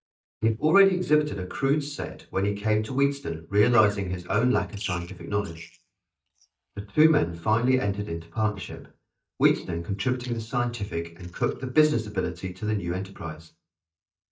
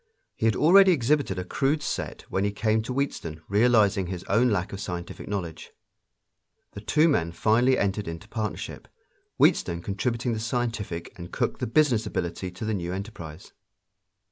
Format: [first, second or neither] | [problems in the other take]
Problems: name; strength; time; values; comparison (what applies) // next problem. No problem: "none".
second | noise reduction (neural mask model DeepFilterNet 3)